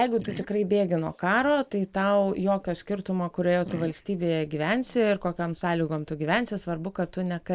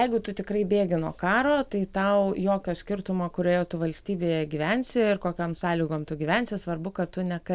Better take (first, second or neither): second